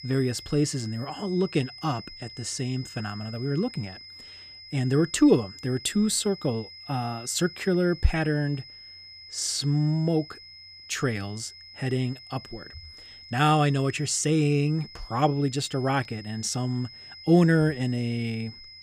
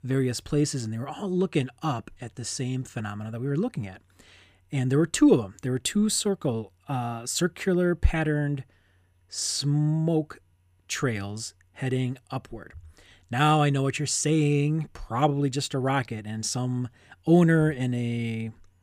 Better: second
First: high-pitched whine; noticeable; throughout; 5 kHz, 15 dB below the speech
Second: none

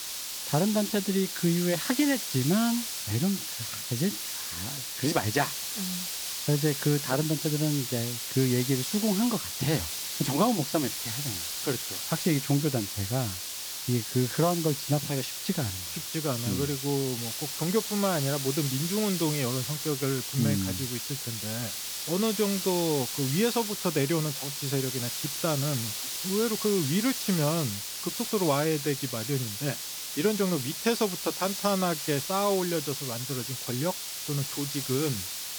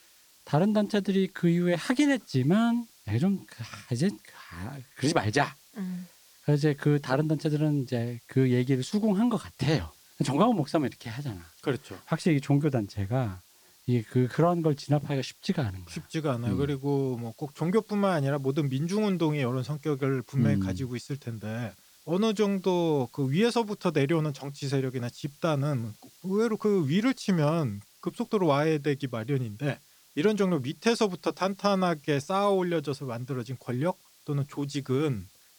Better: second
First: hiss; loud; throughout; 3 dB below the speech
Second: hiss; faint; throughout; 25 dB below the speech

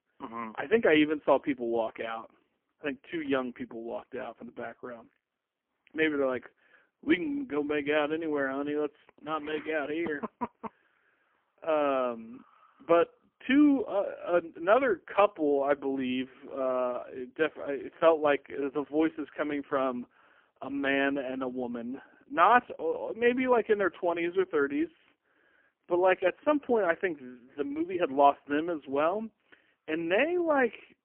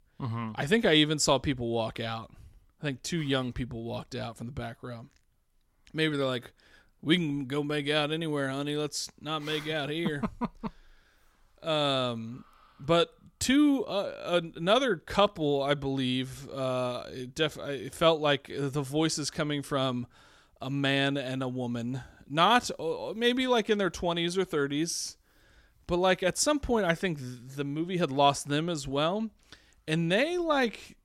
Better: second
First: phone-call audio; poor line; nothing above 3 kHz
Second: none

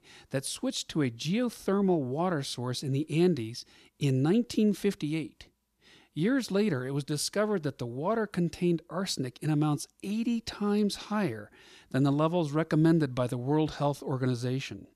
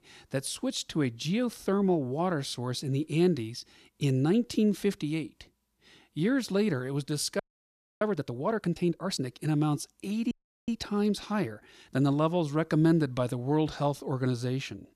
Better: first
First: none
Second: audio freezing; at 7.5 s for 0.5 s and at 10 s

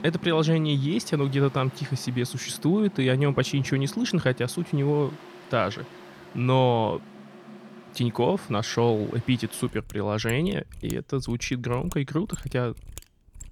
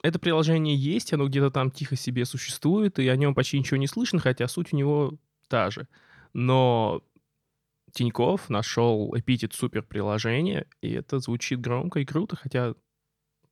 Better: second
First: machinery noise; noticeable; throughout; 20 dB below the speech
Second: none

